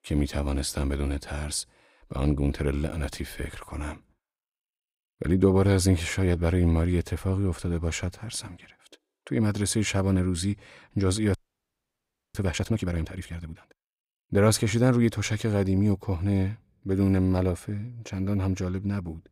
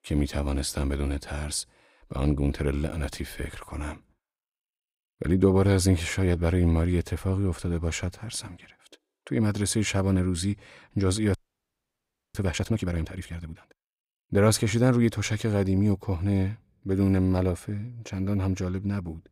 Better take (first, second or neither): neither